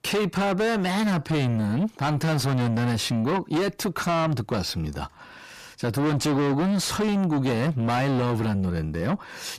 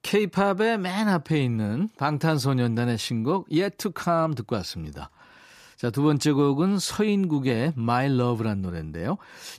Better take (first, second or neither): second